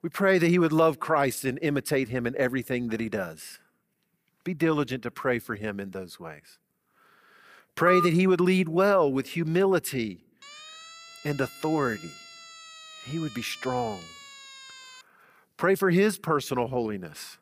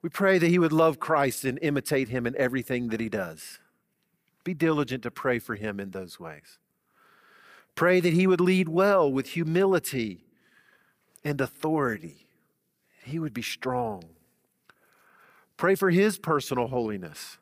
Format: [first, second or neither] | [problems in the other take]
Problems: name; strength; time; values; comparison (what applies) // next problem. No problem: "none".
second | phone ringing; noticeable; at 8 s; peak 1 dB below the speech // siren; faint; from 10 to 15 s; peak 15 dB below the speech